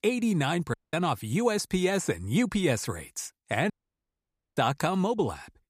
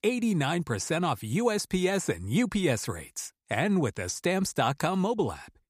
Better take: second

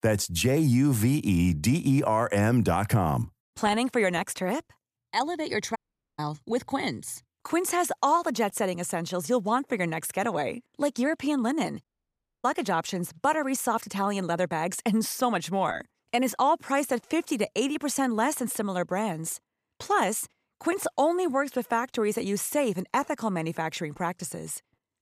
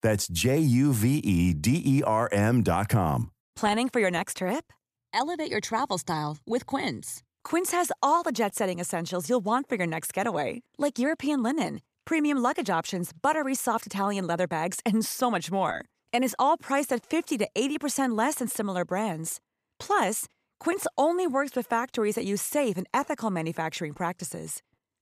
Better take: second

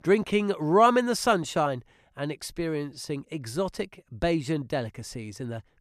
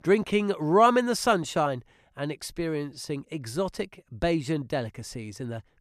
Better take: neither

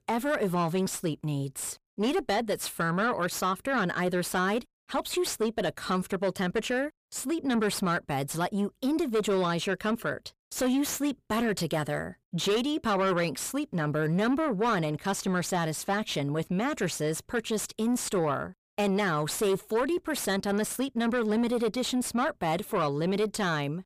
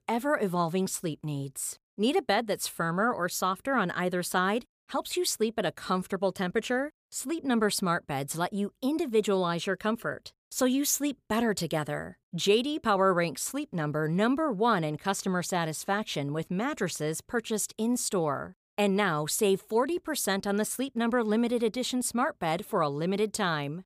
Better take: second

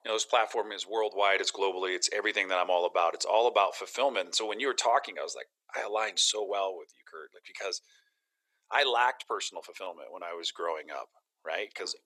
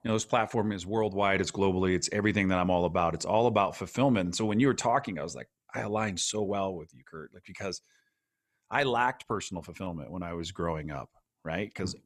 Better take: second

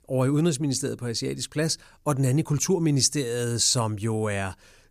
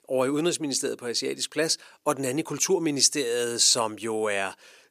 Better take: first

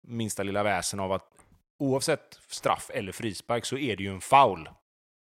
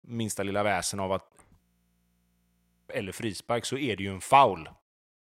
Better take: first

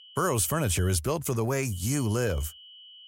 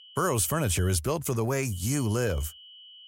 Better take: neither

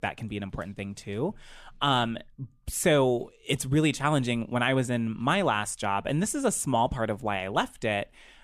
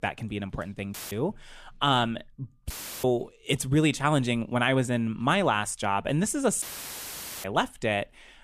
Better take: first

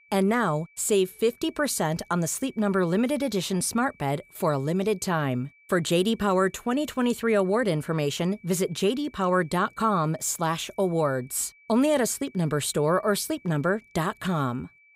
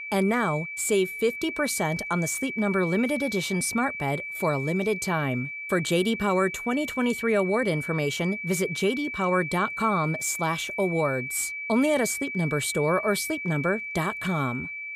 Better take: first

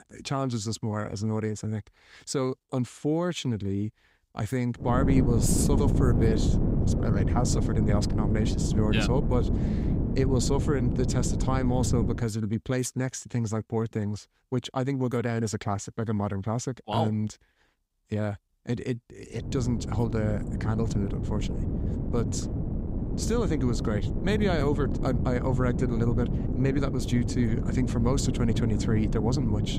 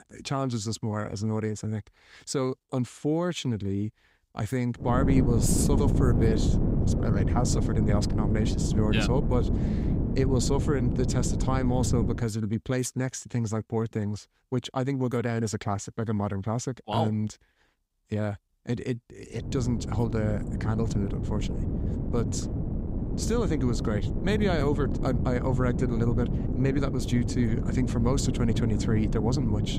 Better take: neither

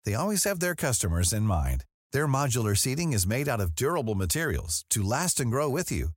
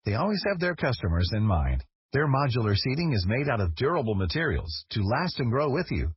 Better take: first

